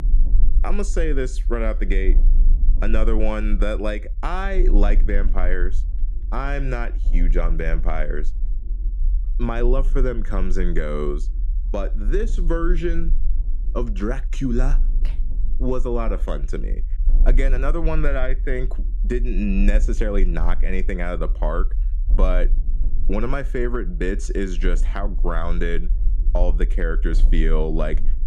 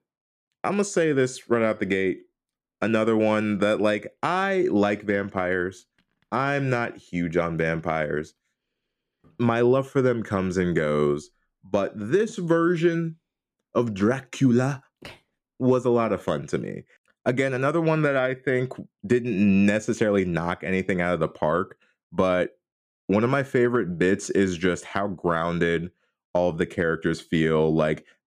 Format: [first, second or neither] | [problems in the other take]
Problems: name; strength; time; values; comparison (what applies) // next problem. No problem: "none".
second | low rumble; noticeable; throughout; 20 dB below the speech